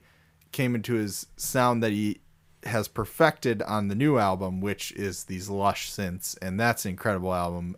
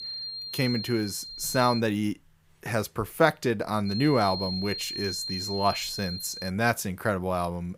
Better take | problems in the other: first | high-pitched whine; loud; until 2 s and from 4 to 6.5 s; 4 kHz, 6 dB below the speech

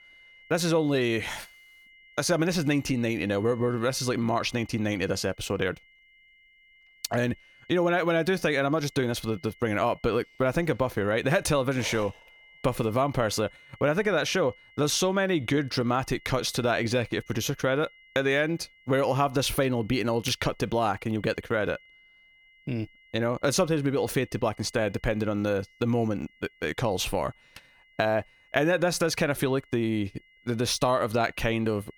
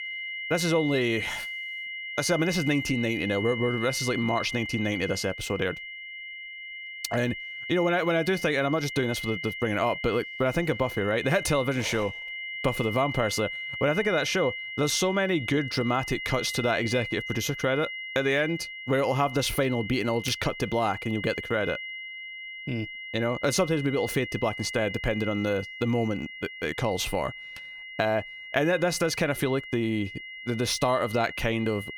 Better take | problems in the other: first | high-pitched whine; loud; throughout; 2 kHz, 8 dB below the speech; faint in the first

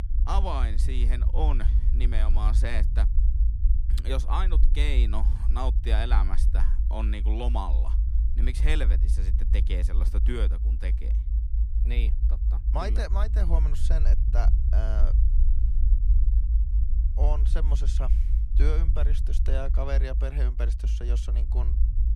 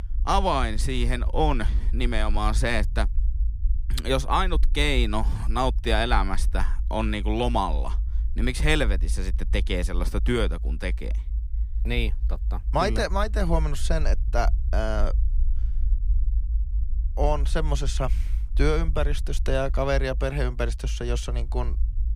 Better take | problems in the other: second | low rumble; loud; throughout; 9 dB below the speech; faint in the second

